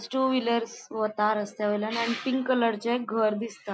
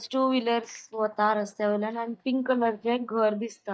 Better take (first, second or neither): first